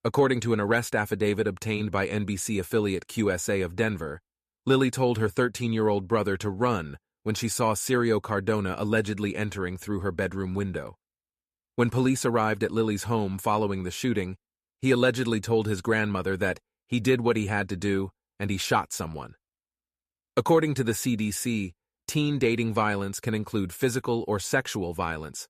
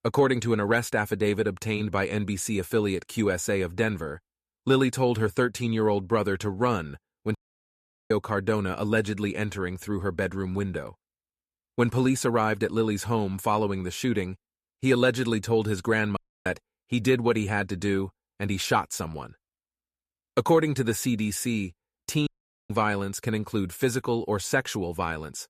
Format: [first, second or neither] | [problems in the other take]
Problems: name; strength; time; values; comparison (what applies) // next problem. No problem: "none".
first | audio cutting out; at 7.5 s for 1 s, at 16 s and at 22 s